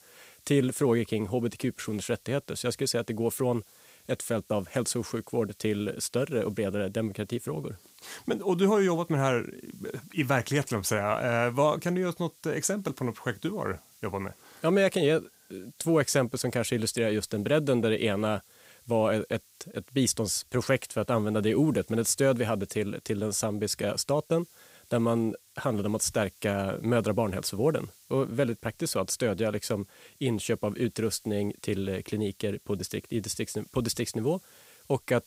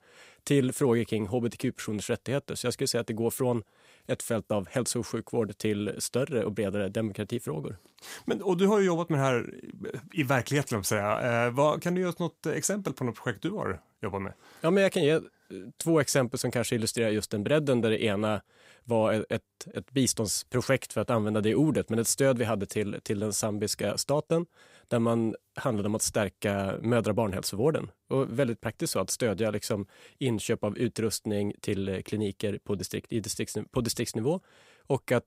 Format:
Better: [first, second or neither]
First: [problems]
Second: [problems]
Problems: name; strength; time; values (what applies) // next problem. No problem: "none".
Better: second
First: hiss; faint; throughout; 25 dB below the speech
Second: none